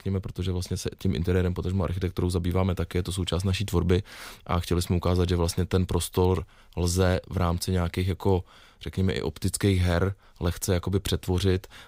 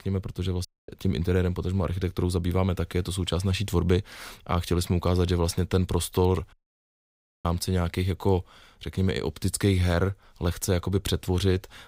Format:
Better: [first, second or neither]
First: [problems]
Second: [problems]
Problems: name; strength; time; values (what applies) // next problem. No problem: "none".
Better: first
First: none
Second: audio cutting out; at 0.5 s and at 6.5 s for 1 s